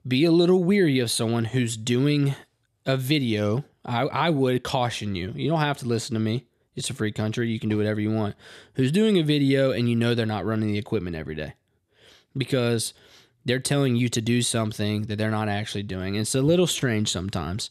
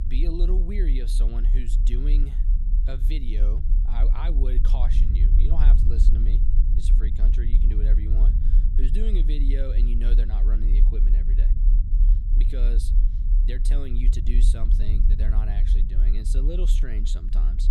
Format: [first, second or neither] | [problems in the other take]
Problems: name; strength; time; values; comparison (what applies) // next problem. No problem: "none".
first | low rumble; loud; throughout; 5 dB below the speech